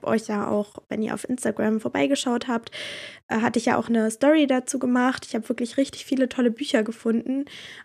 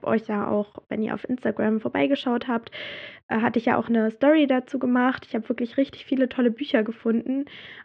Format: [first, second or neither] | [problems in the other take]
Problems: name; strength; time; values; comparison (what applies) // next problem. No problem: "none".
first | muffled; very; fading above 3.5 kHz